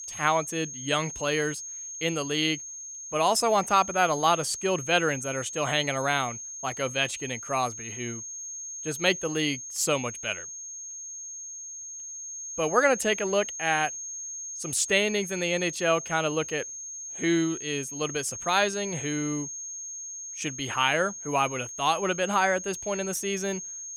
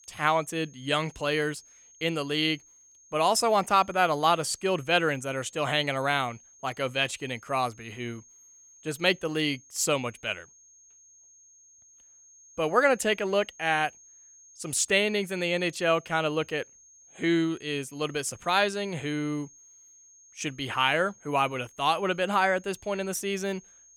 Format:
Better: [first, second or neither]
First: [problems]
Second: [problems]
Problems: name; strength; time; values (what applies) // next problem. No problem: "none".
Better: second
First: high-pitched whine; loud; throughout; 6.5 kHz, 8 dB below the speech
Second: high-pitched whine; faint; throughout; 6.5 kHz, 25 dB below the speech